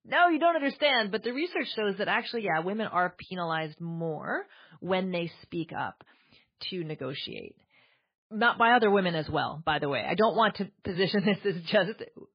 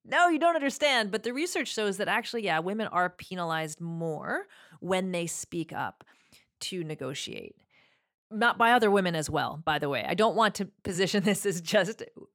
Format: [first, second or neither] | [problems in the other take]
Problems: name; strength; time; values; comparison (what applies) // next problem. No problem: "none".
second | garbled, watery; badly; nothing above 4.5 kHz